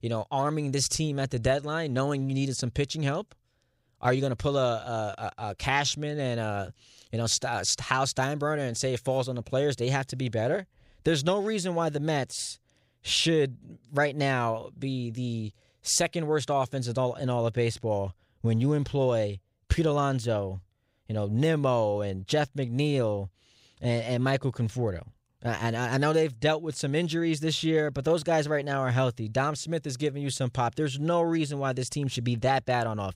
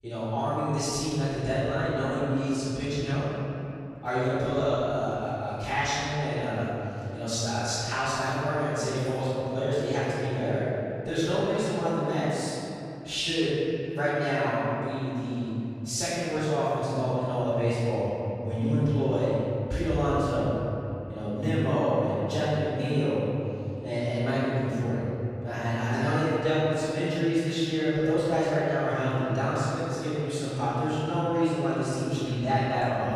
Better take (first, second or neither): first